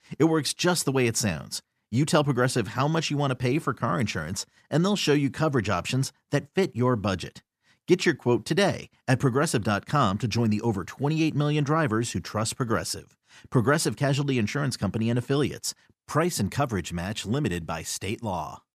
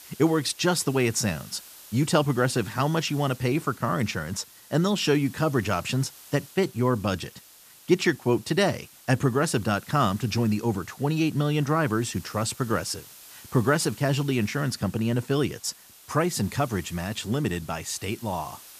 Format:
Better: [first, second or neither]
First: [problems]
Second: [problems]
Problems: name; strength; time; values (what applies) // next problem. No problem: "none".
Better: first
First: none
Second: hiss; faint; throughout; 20 dB below the speech